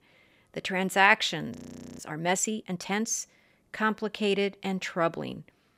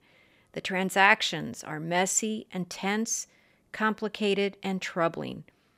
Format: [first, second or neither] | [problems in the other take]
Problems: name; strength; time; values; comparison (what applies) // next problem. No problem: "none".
second | audio freezing; at 1.5 s